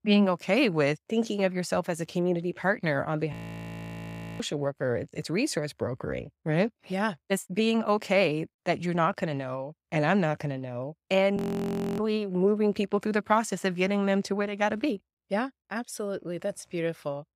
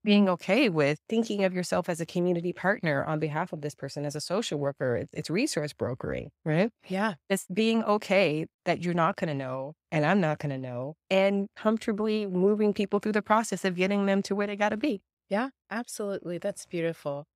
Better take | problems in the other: second | audio freezing; at 3.5 s for 1 s and at 11 s for 0.5 s

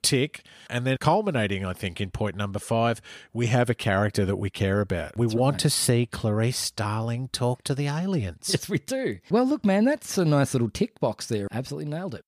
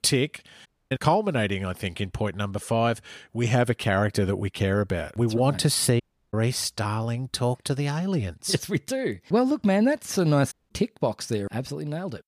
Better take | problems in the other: first | audio cutting out; at 0.5 s, at 6 s and at 11 s

